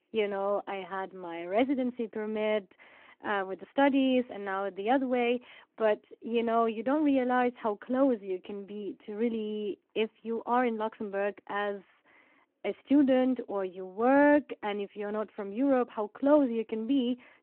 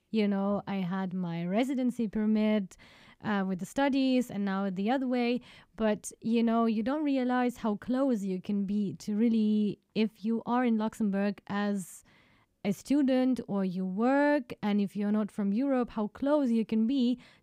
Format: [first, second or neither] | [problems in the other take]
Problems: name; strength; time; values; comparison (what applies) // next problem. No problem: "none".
second | phone-call audio